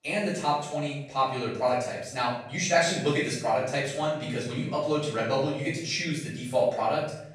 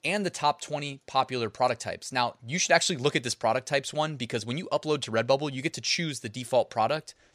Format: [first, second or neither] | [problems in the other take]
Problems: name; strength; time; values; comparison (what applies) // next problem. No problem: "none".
second | off-mic speech; far // room echo; noticeable; dies away in 0.8 s